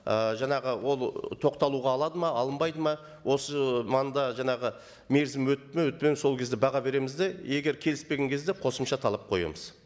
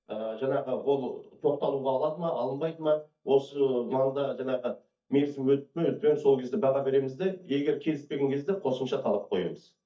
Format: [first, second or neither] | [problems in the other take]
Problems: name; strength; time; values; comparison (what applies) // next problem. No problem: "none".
first | noise reduction (neural mask model DeepFilterNet 3)